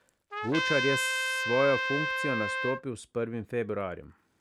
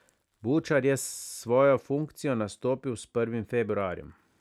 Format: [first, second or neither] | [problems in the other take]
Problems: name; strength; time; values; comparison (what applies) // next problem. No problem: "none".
second | background sound (Trumpet); as loud as the speech